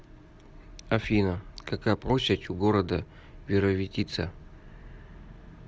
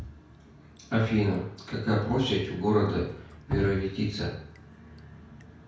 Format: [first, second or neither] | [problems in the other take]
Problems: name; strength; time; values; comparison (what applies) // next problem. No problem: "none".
first | background sound (Drip); 14 dB below the speech // room echo; dies away in 0.5 s